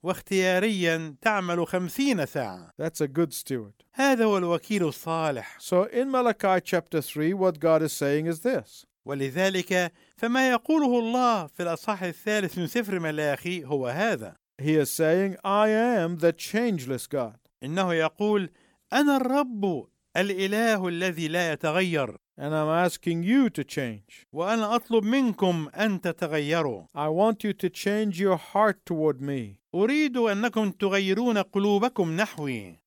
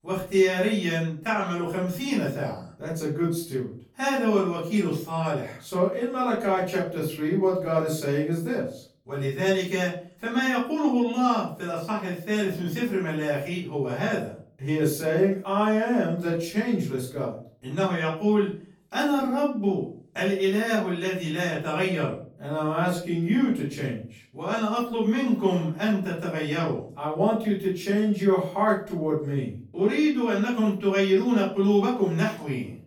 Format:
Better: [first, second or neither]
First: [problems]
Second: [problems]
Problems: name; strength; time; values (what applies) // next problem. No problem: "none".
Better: first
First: none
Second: off-mic speech; far // room echo; slight; dies away in 0.4 s